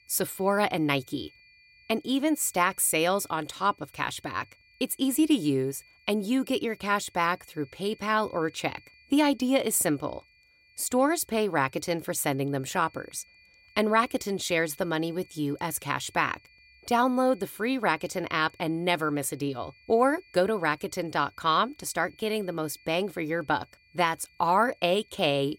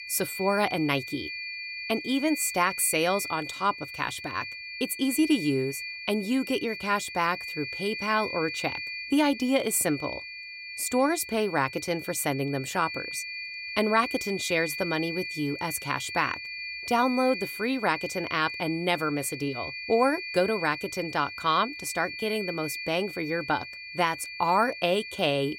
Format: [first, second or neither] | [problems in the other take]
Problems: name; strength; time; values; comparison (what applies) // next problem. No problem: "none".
first | high-pitched whine; loud; throughout; 2.5 kHz, 8 dB below the speech; faint in the first